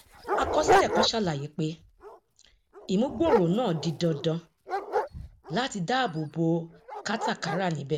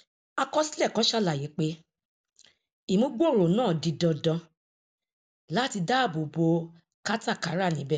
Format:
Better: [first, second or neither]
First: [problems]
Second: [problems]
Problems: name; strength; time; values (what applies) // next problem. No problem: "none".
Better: second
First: background sound (Dog); 3 dB below the speech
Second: none